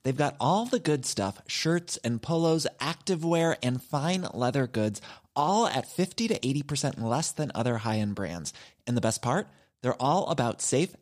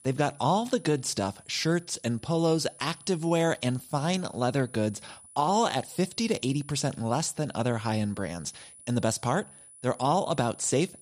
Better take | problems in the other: first | high-pitched whine; faint; throughout; 10 kHz, 20 dB below the speech

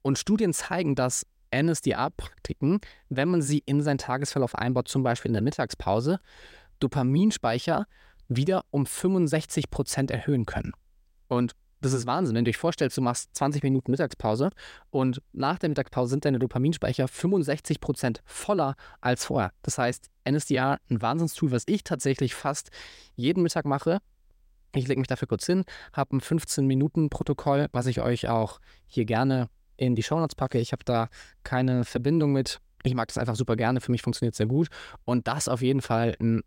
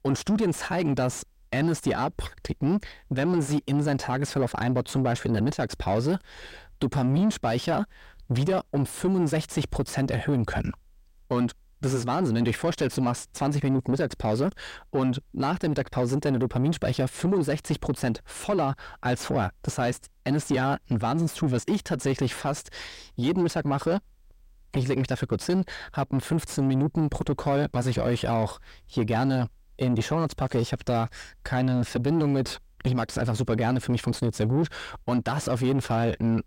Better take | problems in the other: first | distortion; slight; 9 dB below the speech

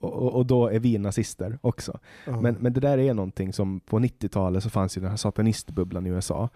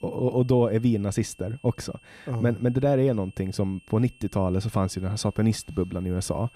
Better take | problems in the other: first | high-pitched whine; faint; throughout; 2.5 kHz, 30 dB below the speech

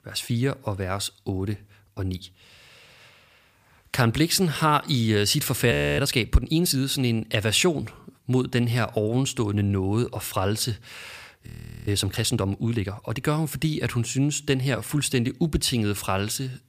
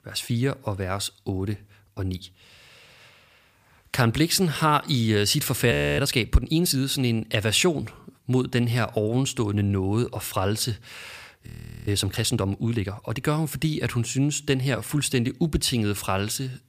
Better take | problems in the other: neither | audio freezing; at 5.5 s and at 11 s; the same in both

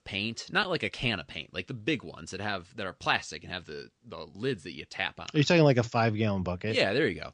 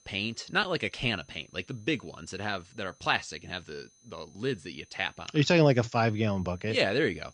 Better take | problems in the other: first | high-pitched whine; faint; throughout; 6 kHz, 30 dB below the speech

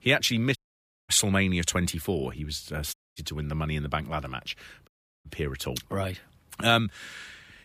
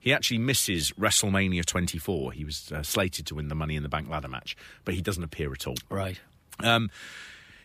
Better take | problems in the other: second | audio cutting out; at 0.5 s for 0.5 s, at 3 s and at 5 s

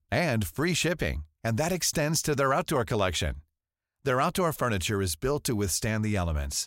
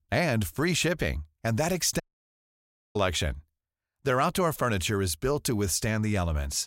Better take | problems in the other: first | audio cutting out; at 2 s for 1 s

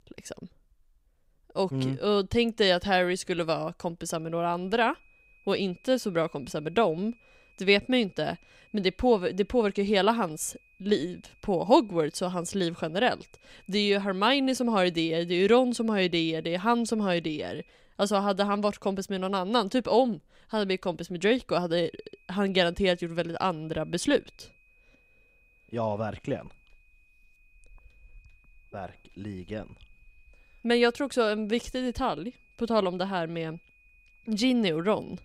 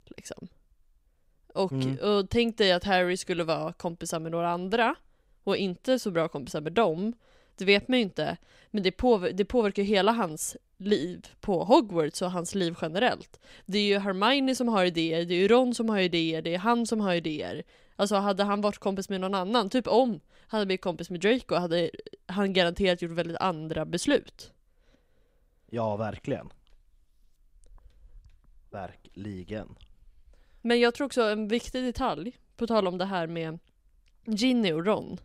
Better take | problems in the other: second | high-pitched whine; faint; from 4 to 18 s and from 22 s on; 2.5 kHz, 35 dB below the speech

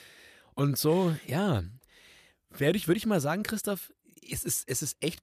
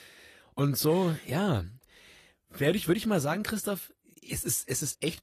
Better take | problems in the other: first | garbled, watery; slightly; nothing above 15 kHz

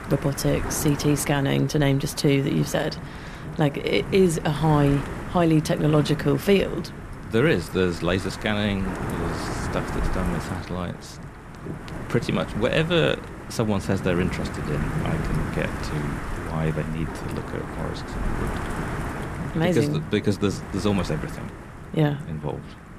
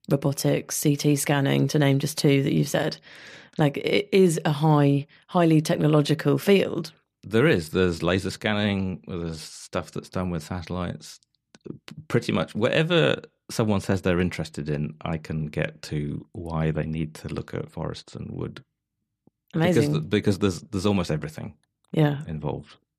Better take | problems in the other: second | wind noise on the microphone; heavy; 8 dB below the speech

